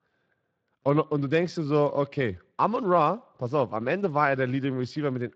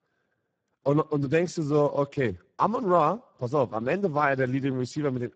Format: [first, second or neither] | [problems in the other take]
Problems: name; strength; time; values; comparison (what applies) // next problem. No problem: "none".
first | garbled, watery; badly; nothing above 7.5 kHz; slightly in the first